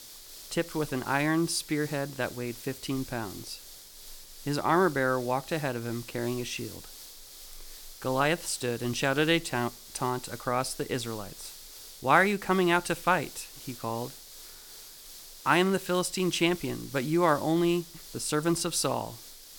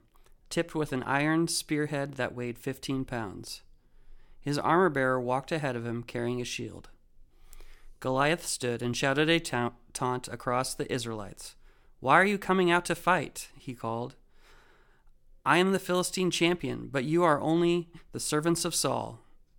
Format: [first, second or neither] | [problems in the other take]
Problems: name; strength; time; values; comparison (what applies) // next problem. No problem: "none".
second | hiss; noticeable; throughout; 15 dB below the speech